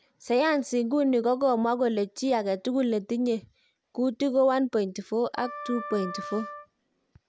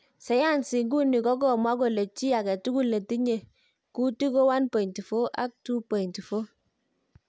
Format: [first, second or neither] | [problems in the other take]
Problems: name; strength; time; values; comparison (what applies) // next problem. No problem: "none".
second | background sound (Wind instrument, woodwind instrument); 13 dB below the speech